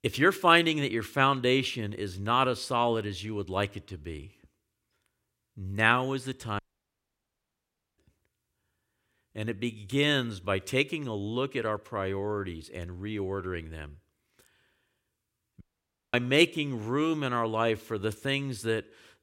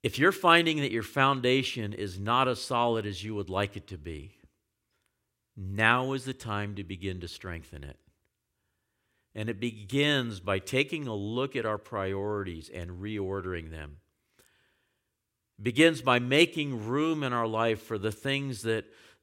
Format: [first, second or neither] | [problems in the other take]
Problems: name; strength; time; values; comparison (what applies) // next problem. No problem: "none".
second | audio cutting out; at 6.5 s for 1.5 s and at 16 s for 0.5 s